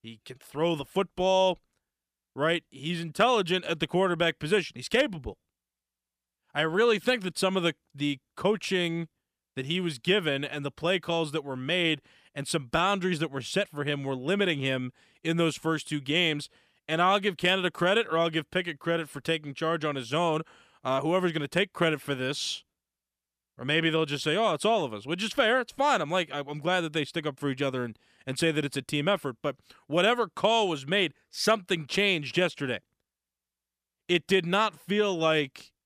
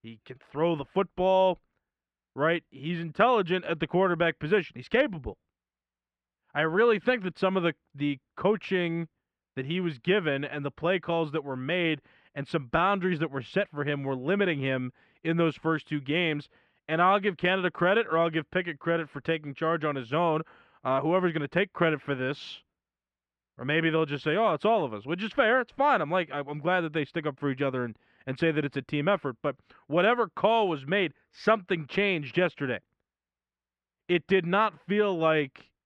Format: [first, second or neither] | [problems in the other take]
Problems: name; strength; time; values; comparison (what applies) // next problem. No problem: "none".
first | muffled; very; fading above 2 kHz